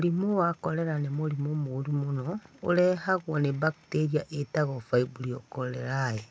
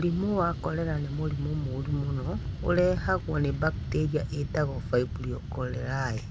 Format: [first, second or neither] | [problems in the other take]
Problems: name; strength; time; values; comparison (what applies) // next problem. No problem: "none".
first | background sound (Fixed-wing aircraft, airplane); 5 dB below the speech